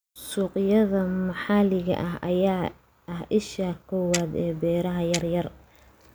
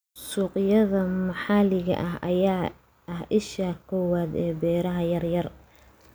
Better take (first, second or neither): second